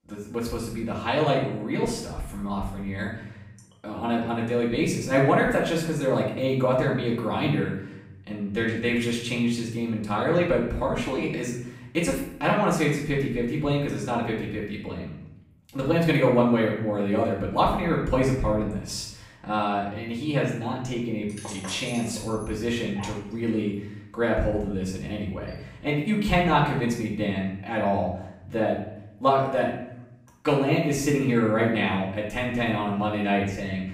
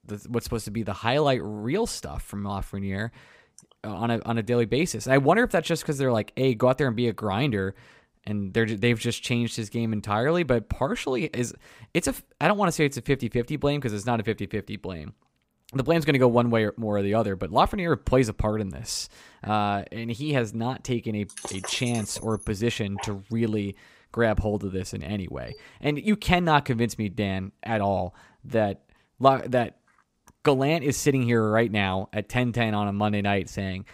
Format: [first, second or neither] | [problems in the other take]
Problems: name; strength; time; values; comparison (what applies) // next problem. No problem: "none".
second | off-mic speech; far // room echo; noticeable; dies away in 0.7 s